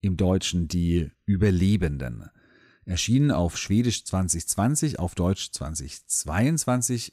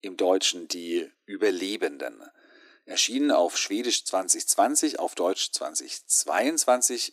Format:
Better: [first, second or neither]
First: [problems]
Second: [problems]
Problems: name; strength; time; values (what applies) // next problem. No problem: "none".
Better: first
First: none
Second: thin; very; fading below 300 Hz